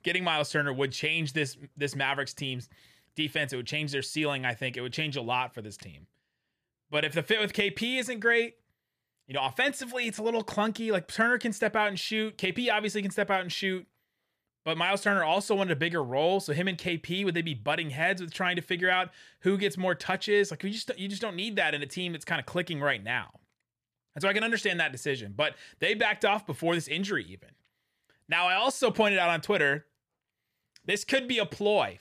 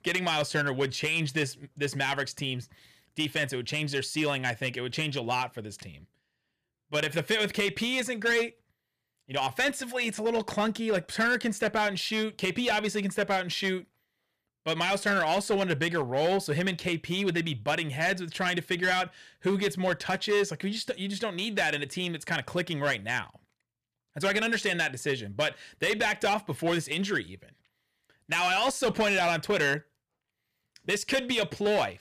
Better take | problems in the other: first | distortion; slight; 6% of the sound clipped

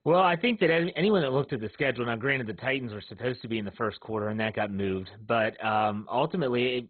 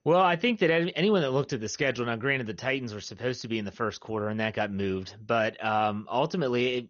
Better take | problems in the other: second | garbled, watery; badly; nothing above 4 kHz; slightly in the second

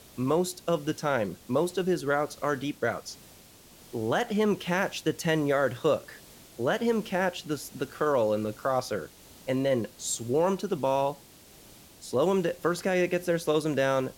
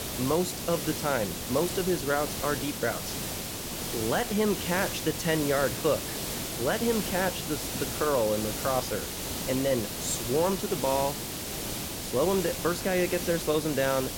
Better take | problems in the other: first | hiss; loud; throughout; 4 dB below the speech; faint in the first

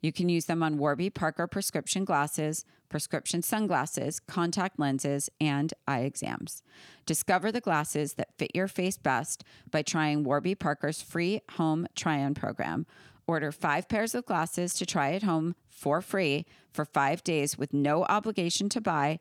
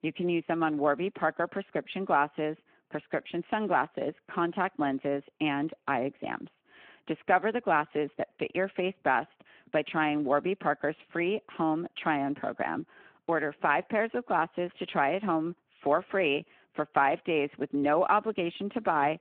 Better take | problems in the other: first | phone-call audio

